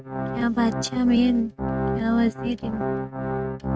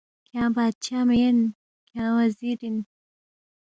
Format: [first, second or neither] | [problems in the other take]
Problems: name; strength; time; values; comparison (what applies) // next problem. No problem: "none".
second | noise reduction (neural mask model RNNoise)